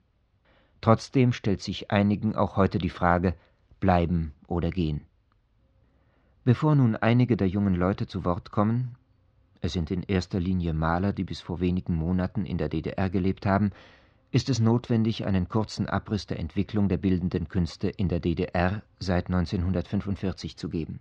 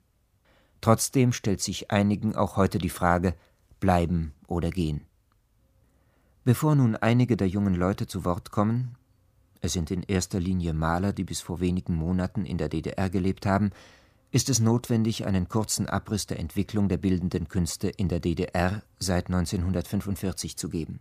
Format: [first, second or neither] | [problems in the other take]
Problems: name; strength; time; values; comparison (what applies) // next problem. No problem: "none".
second | muffled; slightly; fading above 4.5 kHz